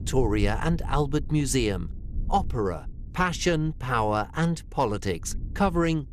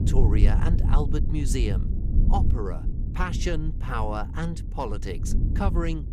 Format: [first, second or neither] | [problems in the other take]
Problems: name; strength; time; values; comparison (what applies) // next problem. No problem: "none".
first | low rumble; loud; throughout; 8 dB below the speech; faint in the first